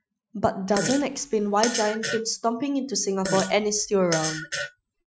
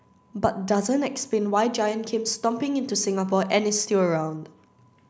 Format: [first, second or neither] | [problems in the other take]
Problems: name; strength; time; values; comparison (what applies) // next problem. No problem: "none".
second | noise reduction (classical method Wiener filter)